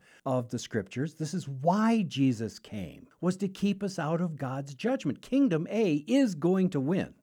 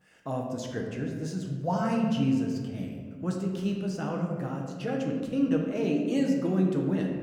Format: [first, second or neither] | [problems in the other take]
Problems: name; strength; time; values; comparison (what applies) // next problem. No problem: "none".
first | room echo; noticeable; dies away in 1.5 s // off-mic speech; somewhat distant